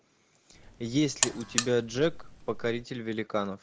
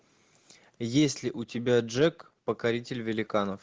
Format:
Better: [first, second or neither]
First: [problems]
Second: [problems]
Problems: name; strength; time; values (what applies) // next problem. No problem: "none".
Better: second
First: background sound (Alarm); 4 dB below the speech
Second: none